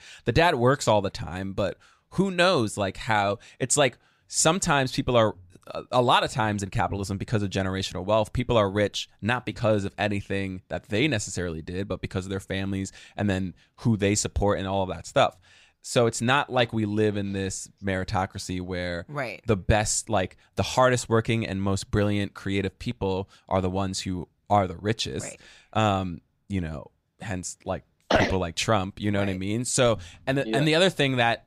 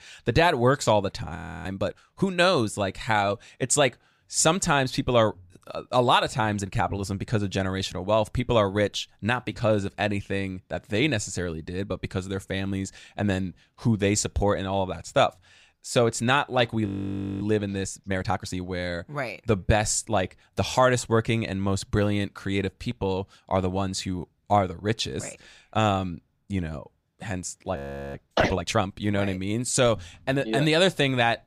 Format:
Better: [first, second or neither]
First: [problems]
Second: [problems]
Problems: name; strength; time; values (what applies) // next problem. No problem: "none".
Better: first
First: none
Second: audio freezing; at 1.5 s, at 17 s for 0.5 s and at 28 s